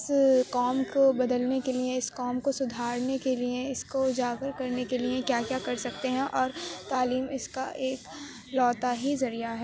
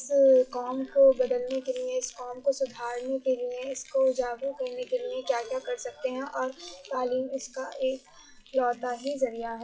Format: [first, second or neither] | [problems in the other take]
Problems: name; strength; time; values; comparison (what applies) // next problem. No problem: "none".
first | noise reduction (classical method WPE with log-MMSE)